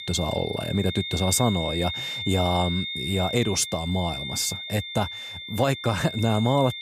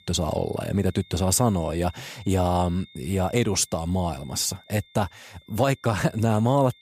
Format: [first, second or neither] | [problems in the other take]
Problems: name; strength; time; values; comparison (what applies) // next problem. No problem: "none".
second | high-pitched whine; loud; throughout; 3.5 kHz, 6 dB below the speech; faint in the second